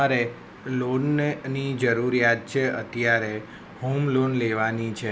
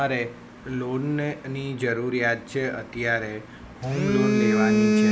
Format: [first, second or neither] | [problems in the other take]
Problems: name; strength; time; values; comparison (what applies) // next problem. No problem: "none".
first | background sound (Telephone); 1 dB above the speech